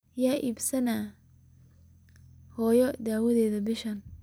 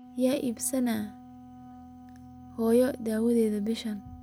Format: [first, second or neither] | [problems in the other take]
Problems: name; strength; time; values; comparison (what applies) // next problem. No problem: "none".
first | background sound (Wind instrument, woodwind instrument); 19 dB below the speech